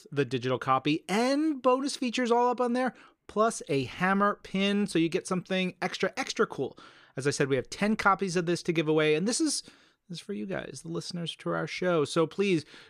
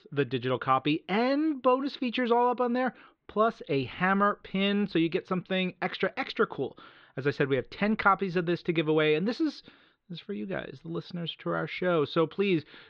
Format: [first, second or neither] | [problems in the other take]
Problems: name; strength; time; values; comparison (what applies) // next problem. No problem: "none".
first | muffled; slightly; fading above 4 kHz